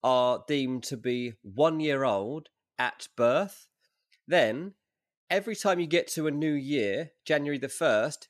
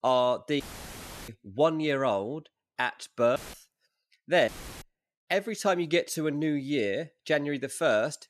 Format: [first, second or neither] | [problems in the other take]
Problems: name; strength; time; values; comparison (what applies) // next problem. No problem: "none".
first | audio cutting out; filled with static; at 0.5 s for 0.5 s, at 3.5 s and at 4.5 s